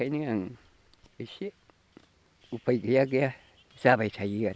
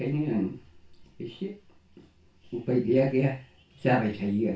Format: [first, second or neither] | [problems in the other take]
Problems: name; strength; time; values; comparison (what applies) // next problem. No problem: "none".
first | room echo; dies away in 0.2 s